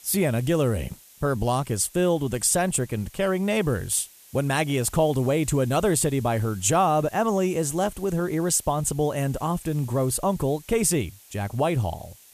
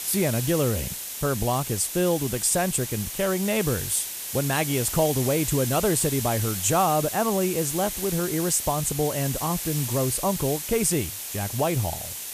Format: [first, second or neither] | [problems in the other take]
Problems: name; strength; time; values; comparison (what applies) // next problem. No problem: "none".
first | hiss; loud; throughout; 5 dB below the speech; faint in the first